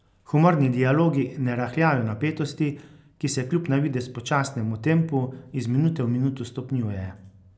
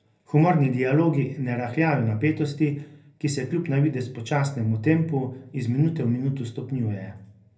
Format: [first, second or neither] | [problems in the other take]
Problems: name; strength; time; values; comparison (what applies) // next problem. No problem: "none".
first | room echo; dies away in 0.3 s